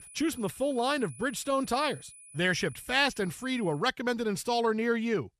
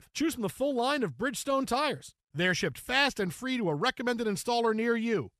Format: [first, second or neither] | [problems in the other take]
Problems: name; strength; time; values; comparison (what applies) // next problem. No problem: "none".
second | high-pitched whine; noticeable; until 4 s; 10 kHz, 20 dB below the speech